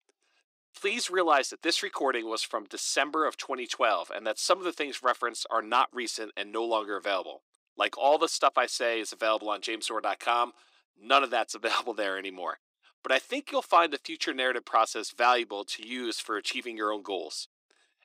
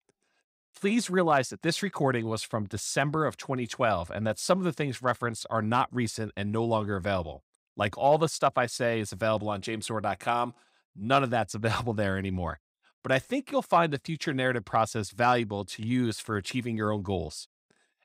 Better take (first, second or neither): second